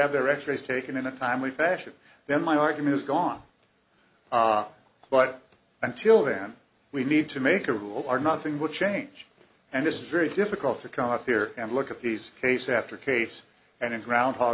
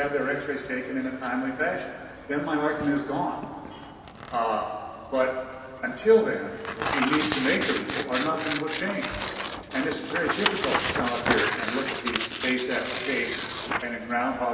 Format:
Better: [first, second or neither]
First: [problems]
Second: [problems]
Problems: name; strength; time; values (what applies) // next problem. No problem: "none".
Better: first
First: none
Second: background sound (Tearing); 5 dB below the speech // room echo; dies away in 2.7 s